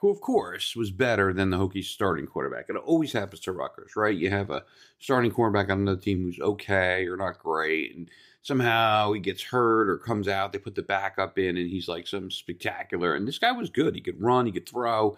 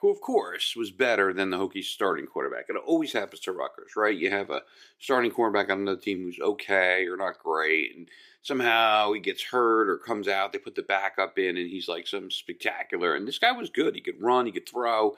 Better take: first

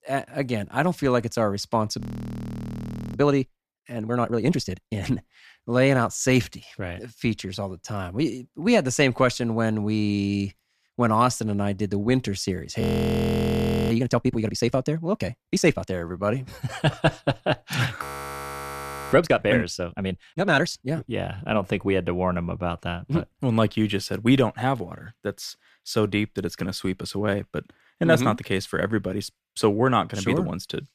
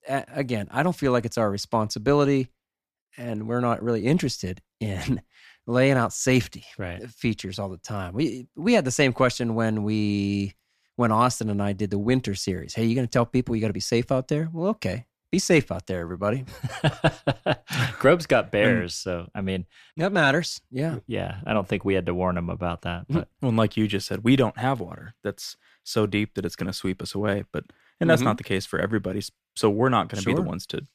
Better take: second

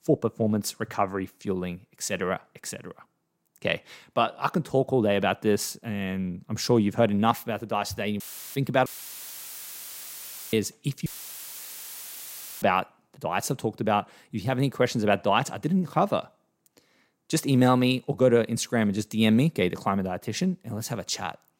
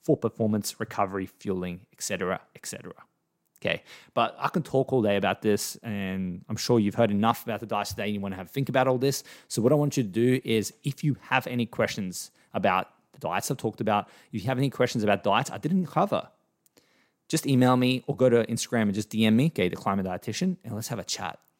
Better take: second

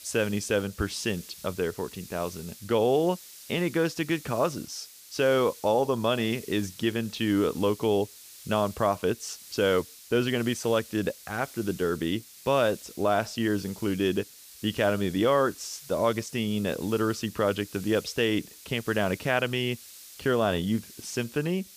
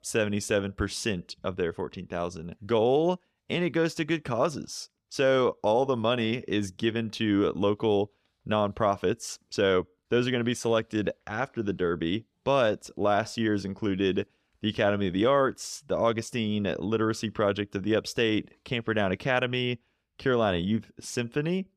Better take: second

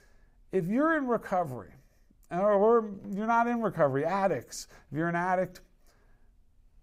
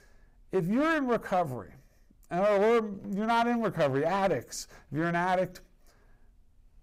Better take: first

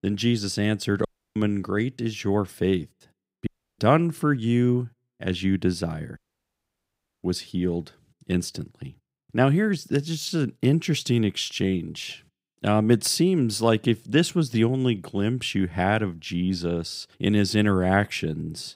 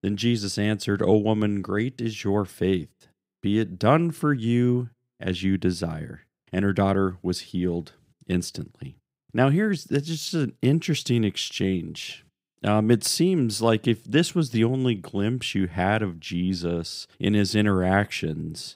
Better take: second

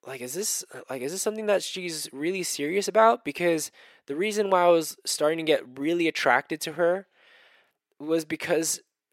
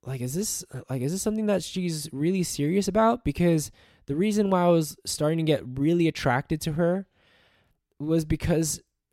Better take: second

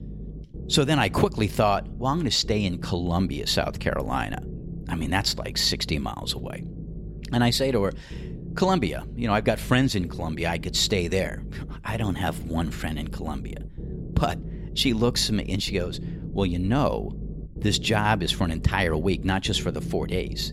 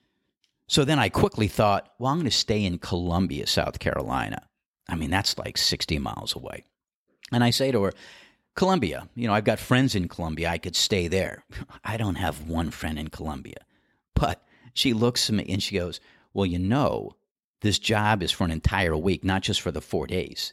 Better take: second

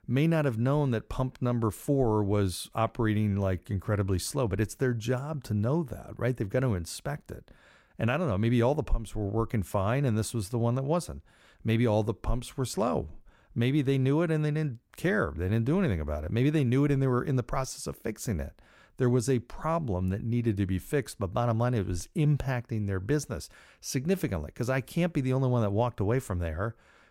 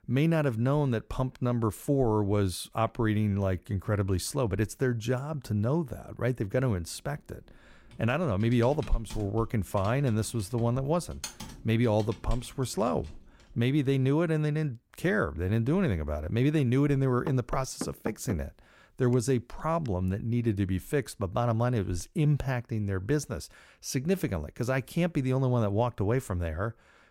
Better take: first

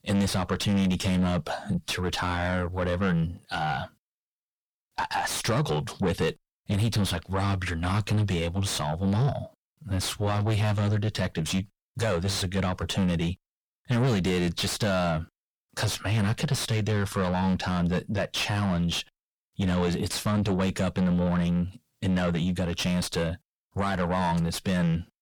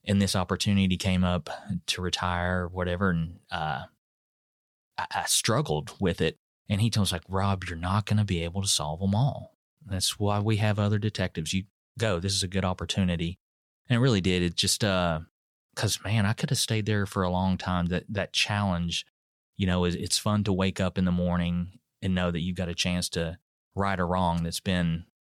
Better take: second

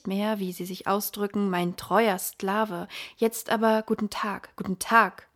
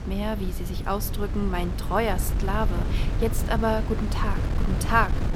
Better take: first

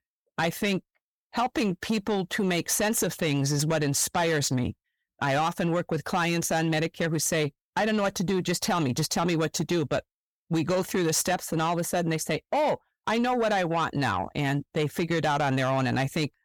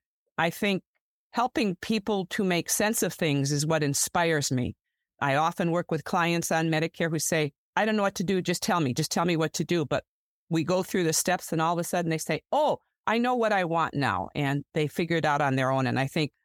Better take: second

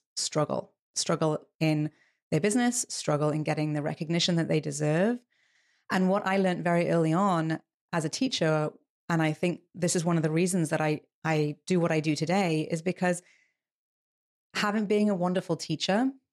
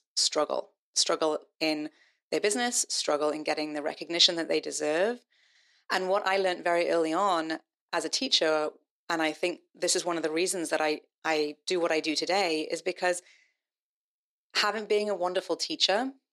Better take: first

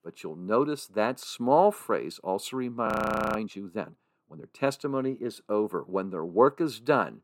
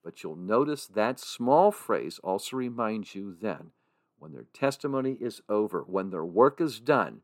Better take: second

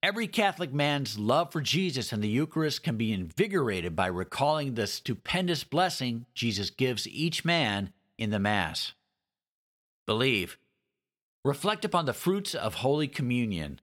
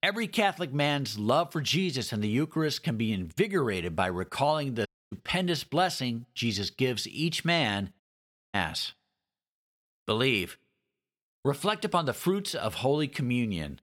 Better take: first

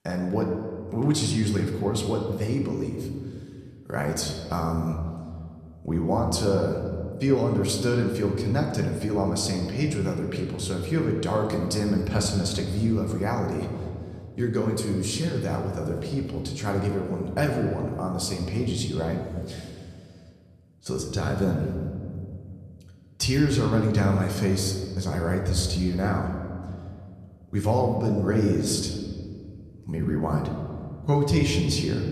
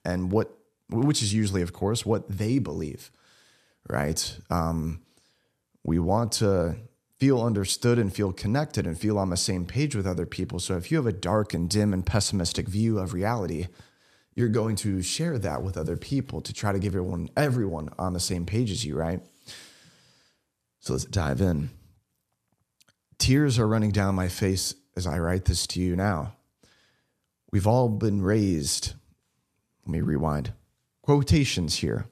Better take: second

